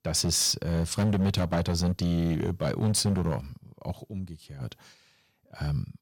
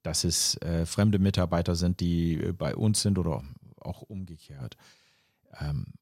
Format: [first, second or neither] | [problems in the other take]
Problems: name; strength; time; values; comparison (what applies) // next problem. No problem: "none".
second | distortion; slight; 8% of the sound clipped